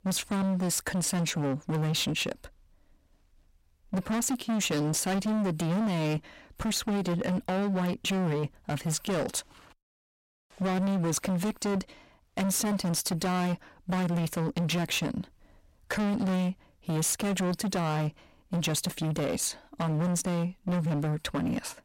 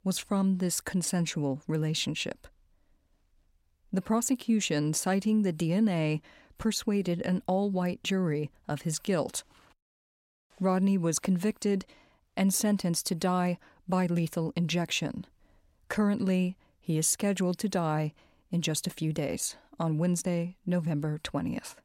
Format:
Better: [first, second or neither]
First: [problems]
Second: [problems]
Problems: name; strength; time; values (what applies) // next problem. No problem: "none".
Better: second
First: distortion; heavy; 28% of the sound clipped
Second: none